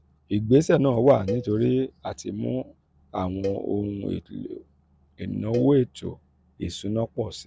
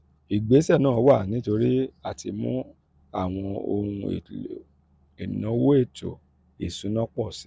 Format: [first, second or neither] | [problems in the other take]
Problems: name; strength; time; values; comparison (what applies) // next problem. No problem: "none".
second | background sound (Cowbell); 13 dB below the speech